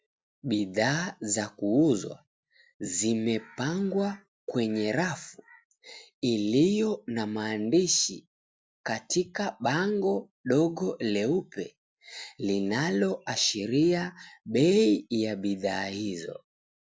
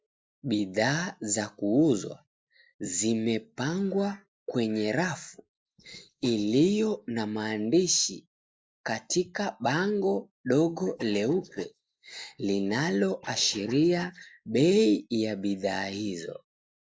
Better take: first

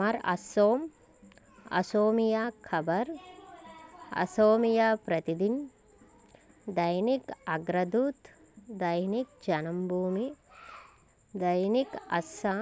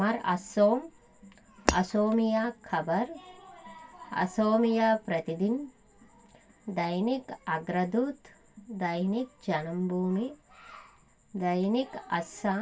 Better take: first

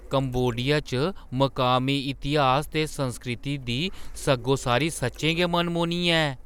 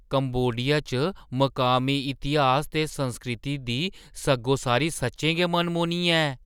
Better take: second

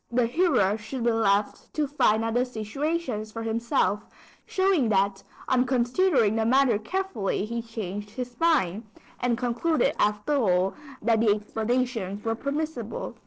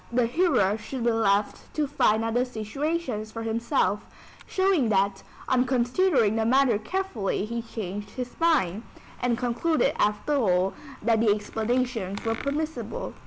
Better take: second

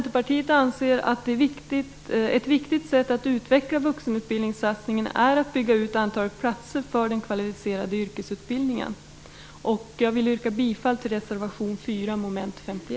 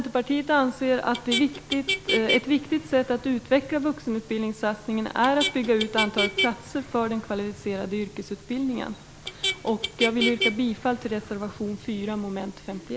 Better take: first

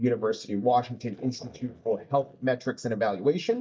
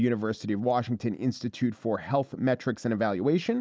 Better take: second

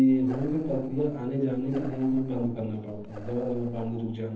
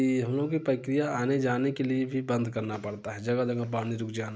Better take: second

